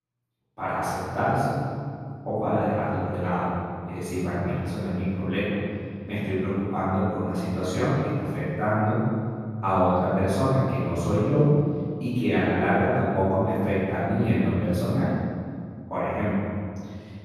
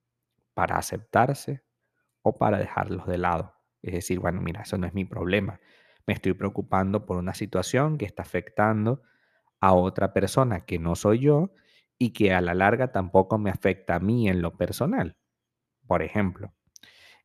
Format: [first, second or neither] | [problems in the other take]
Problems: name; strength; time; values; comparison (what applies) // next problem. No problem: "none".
second | off-mic speech; far // room echo; strong; dies away in 2.3 s